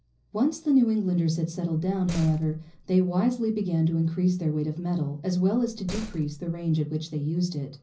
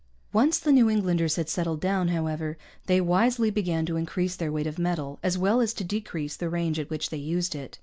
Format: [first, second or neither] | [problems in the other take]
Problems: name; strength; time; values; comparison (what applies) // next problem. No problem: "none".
second | background sound (Slam); 14 dB below the speech // room echo; dies away in 0.5 s